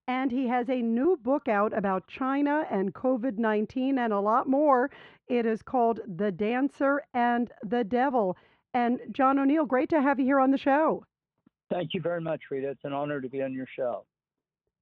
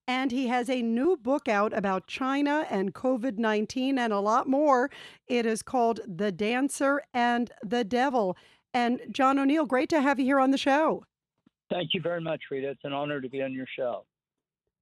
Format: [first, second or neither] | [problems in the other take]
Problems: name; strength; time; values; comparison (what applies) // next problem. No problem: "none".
second | muffled; very; fading above 2 kHz